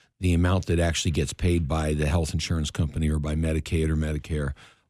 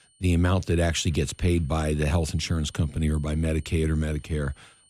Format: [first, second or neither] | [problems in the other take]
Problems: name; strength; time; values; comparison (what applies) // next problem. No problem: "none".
first | high-pitched whine; faint; throughout; 9 kHz, 30 dB below the speech